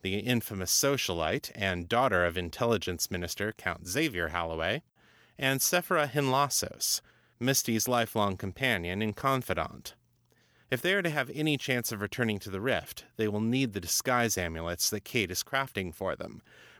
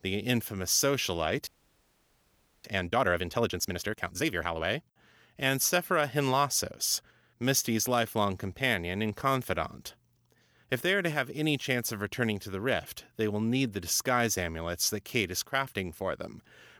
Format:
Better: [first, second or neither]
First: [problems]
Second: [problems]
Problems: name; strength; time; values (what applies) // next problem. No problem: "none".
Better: first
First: none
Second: audio freezing; at 1.5 s for 1 s